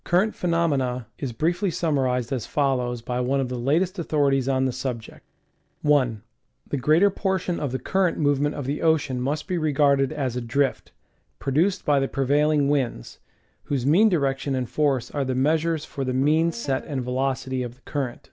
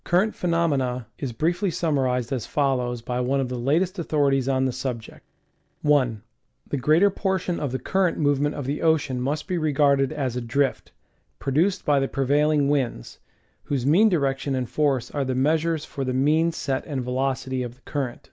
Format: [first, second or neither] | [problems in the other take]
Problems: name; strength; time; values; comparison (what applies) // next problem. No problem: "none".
second | background sound (Guitar); 19 dB below the speech